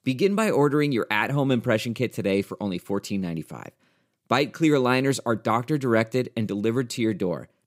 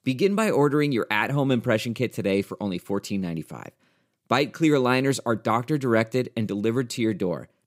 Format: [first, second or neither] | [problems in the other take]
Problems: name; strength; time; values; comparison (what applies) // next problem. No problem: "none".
neither | none